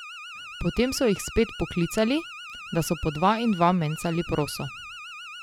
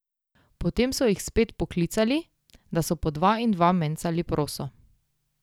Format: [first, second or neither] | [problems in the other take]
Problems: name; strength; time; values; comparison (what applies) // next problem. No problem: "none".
second | background sound (Alarm); 14 dB below the speech